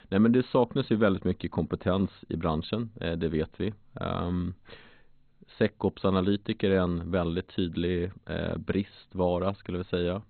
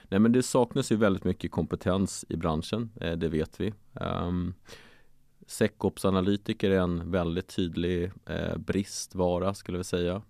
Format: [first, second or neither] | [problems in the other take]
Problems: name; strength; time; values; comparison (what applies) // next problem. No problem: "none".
second | garbled, watery; badly; nothing above 4 kHz